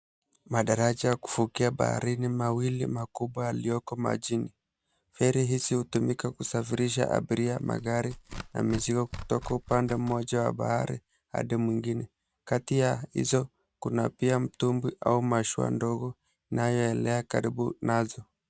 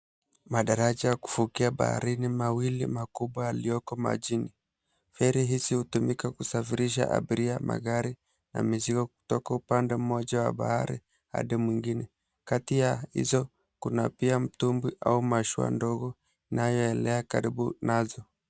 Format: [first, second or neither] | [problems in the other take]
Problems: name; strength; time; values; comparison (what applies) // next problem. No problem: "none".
second | background sound (Tearing); 14 dB below the speech